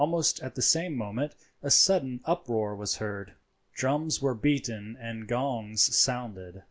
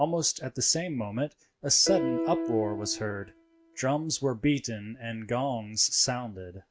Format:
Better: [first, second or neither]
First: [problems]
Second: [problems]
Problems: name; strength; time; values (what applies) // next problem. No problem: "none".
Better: first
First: none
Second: noise reduction (neural mask model RNNoise)